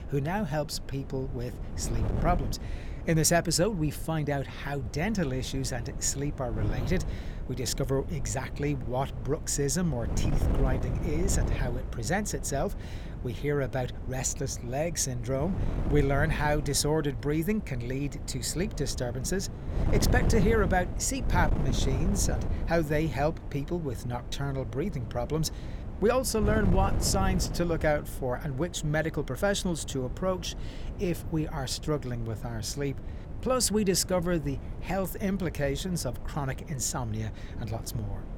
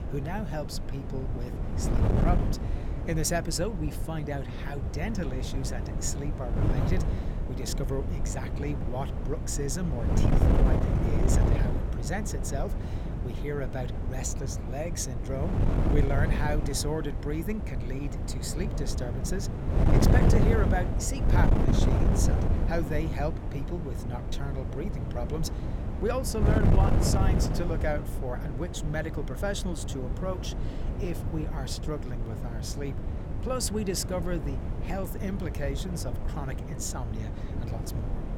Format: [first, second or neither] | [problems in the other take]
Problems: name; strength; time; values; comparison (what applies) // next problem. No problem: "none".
first | wind noise on the microphone; heavy; 2 dB below the speech; occasional gusts in the first